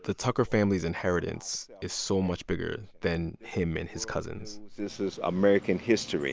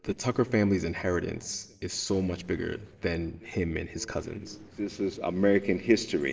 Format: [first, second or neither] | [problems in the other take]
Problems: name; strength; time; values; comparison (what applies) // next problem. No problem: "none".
first | noise reduction (neural separator model SepFormer DNS4)